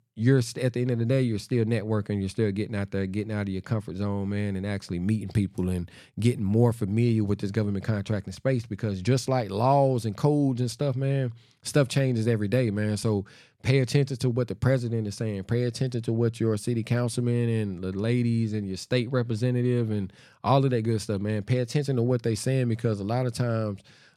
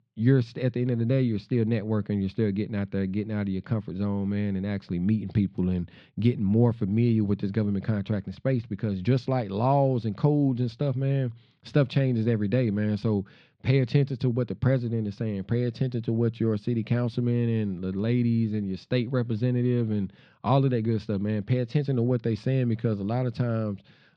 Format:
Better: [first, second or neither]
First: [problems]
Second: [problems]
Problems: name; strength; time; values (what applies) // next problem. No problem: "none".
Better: first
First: none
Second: muffled; very slightly; fading above 4 kHz